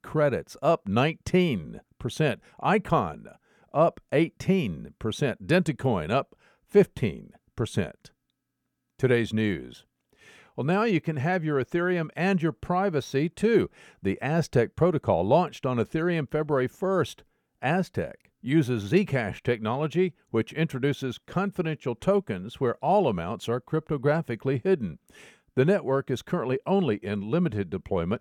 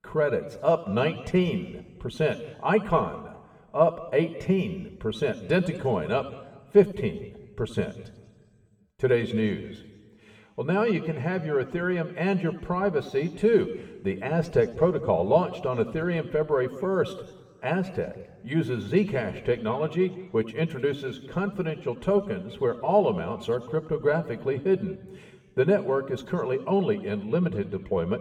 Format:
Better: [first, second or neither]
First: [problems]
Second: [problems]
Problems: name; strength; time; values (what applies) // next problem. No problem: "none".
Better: first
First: none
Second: room echo; slight; dies away in 1.3 s